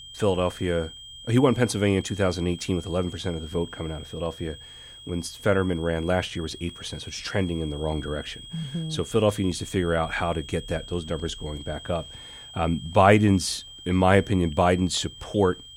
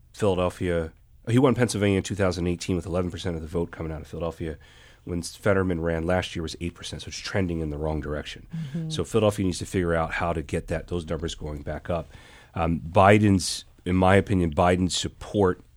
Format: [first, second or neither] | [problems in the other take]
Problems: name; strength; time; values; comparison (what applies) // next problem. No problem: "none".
second | high-pitched whine; noticeable; throughout; 3.5 kHz, 15 dB below the speech